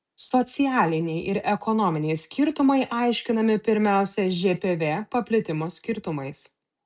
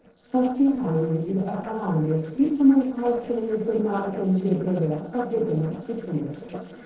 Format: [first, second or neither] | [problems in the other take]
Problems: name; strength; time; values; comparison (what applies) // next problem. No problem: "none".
first | noise reduction (neural separator model SepFormer DNS4)